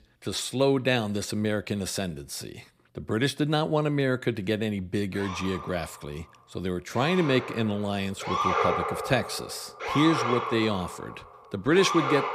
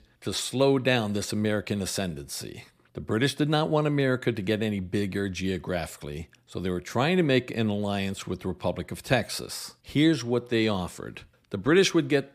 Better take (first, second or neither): second